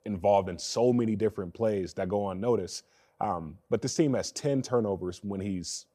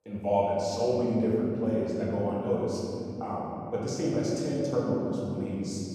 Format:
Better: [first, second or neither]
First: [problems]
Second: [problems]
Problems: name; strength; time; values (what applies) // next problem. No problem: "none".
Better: first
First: none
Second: room echo; strong; dies away in 3 s // off-mic speech; far